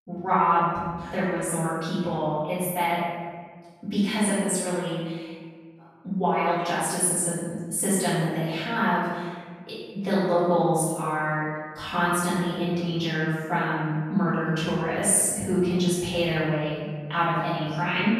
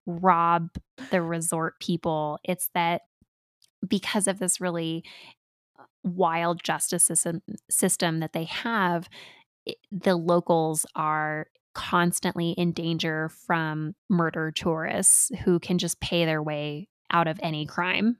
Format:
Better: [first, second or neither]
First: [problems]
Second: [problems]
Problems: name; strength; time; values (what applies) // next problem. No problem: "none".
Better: second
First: room echo; strong; dies away in 1.4 s // off-mic speech; far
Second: none